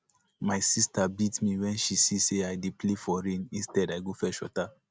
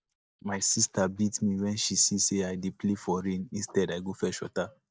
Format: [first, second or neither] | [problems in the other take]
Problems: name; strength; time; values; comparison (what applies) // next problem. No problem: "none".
first | noise reduction (neural mask model DeepFilterNet 3)